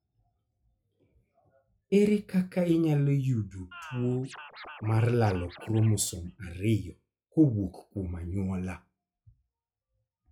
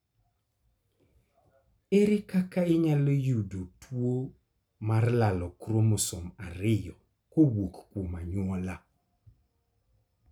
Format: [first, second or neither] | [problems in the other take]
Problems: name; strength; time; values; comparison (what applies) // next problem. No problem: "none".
second | noise reduction (classical method log-MMSE)